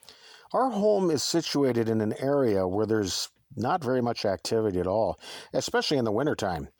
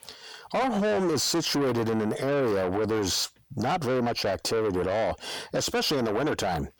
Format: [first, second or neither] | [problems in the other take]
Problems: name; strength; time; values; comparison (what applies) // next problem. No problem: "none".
first | distortion; heavy; 6 dB below the speech